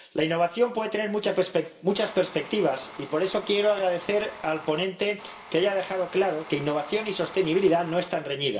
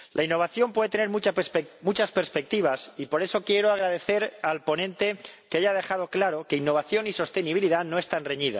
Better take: second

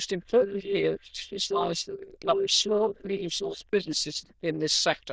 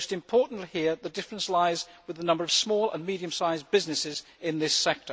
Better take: second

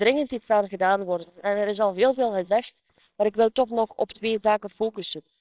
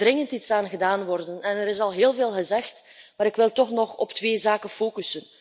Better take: second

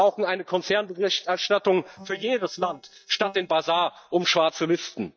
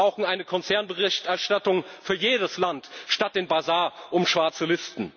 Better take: second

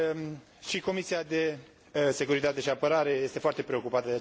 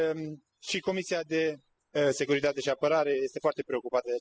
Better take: first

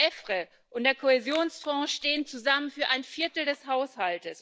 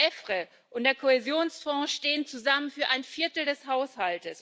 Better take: second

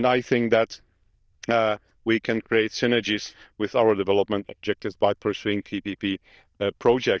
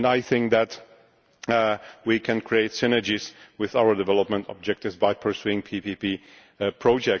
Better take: second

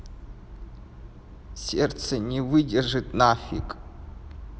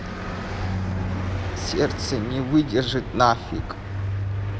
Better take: first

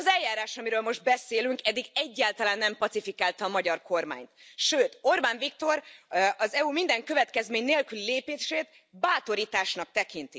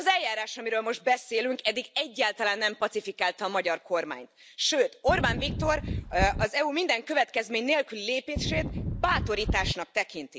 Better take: first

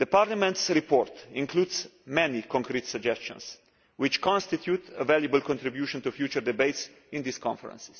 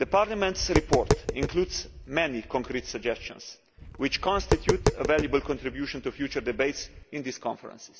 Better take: first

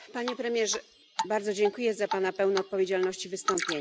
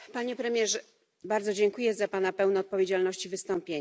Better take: second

